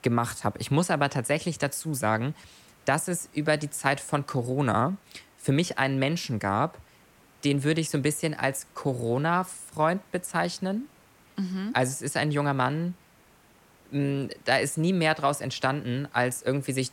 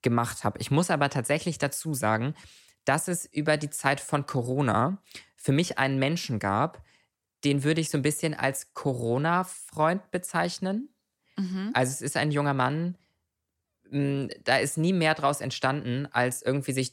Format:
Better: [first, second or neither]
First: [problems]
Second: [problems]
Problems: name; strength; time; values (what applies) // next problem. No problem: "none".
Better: second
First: hiss; faint; throughout; 30 dB below the speech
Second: none